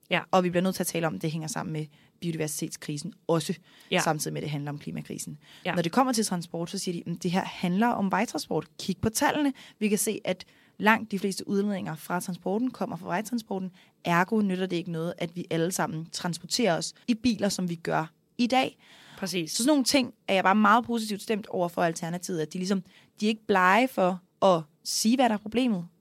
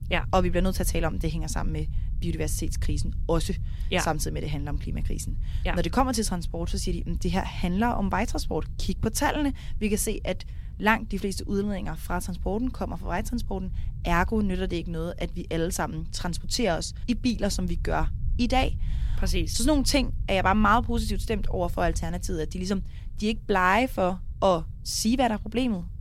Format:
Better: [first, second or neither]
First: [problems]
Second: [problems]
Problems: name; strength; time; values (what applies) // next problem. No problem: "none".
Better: first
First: none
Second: low rumble; faint; throughout; 25 dB below the speech